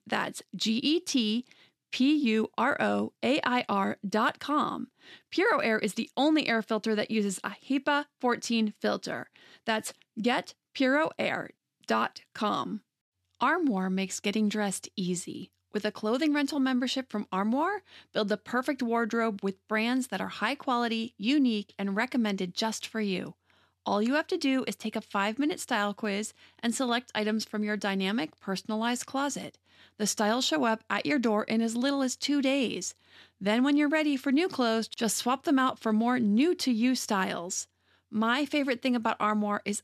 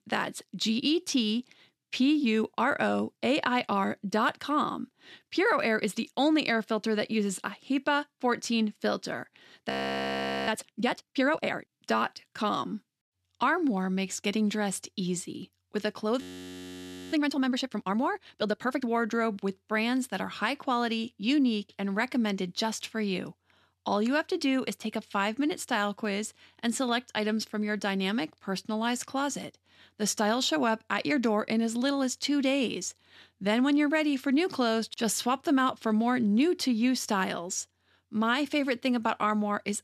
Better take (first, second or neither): first